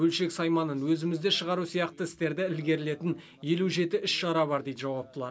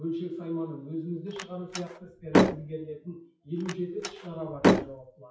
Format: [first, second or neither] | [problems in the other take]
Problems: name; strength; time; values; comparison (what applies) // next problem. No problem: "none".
first | noise reduction (classical method WPE with log-MMSE)